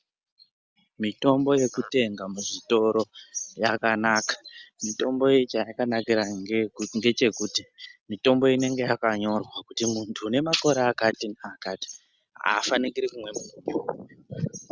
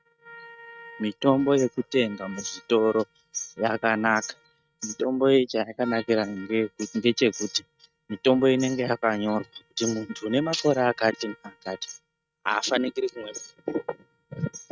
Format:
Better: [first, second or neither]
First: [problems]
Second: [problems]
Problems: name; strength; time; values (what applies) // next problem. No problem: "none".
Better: first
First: none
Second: noise reduction (neural mask model RNNoise)